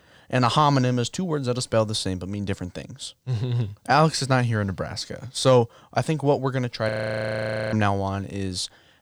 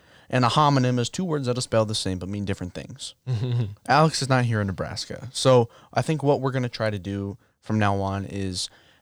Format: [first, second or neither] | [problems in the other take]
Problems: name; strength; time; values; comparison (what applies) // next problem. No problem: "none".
second | audio freezing; at 7 s for 1 s